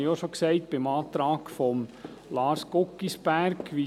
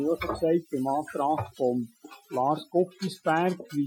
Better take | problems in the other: first | noise reduction (classical method Wiener filter)

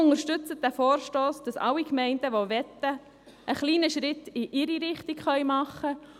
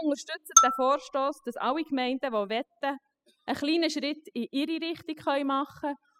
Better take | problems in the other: first | noise reduction (classical method spectral subtraction)

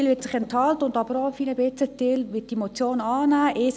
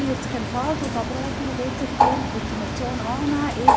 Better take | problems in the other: first | background sound (Bird); 4 dB above the speech // room echo; dies away in 0.3 s

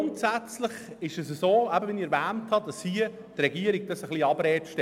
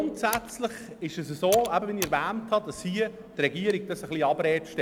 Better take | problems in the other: first | background sound (Computer keyboard); 15 dB below the speech

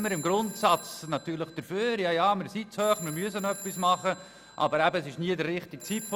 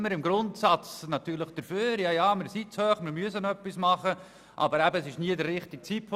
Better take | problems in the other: second | background sound (Telephone); 16 dB below the speech

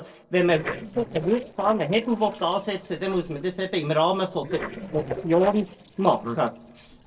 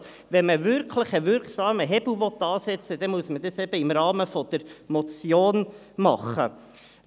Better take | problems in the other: second | noise reduction (neural separator model SepFormer DNS4)

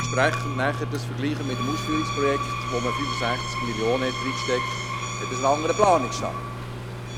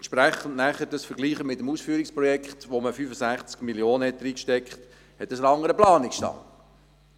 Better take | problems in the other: second | background sound (Screech + Microwave oven); 2 dB below the speech

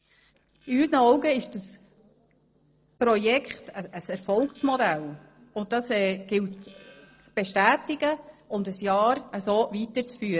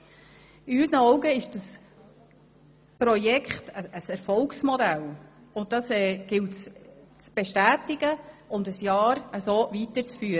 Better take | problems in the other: second | noise reduction (neural separator model SepFormer DNS4)

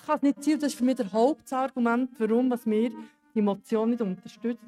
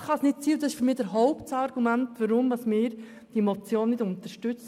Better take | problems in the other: second | noise reduction (neural mask model RNNoise)

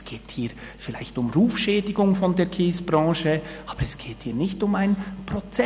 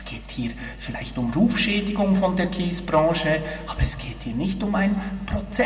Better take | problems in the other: first | room echo; dies away in 1.2 s

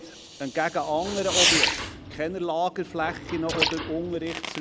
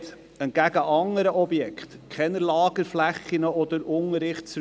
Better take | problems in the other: second | background sound (Fireworks + Liquid); as loud as the speech

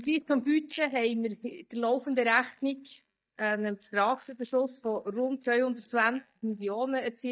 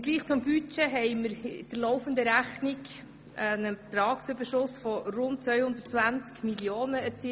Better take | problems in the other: second | noise reduction (neural mask model DeepFilterNet 3)

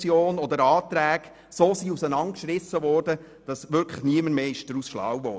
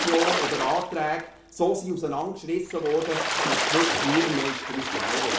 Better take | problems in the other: first | background sound (Water / Splash, splatter); 1 dB below the speech // room echo; dies away in 0.4 s

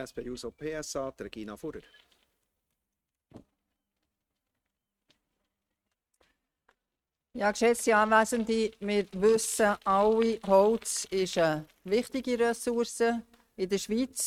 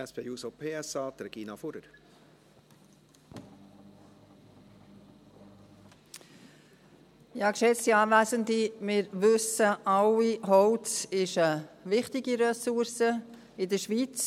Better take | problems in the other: second | noise reduction (neural mask model RNNoise)

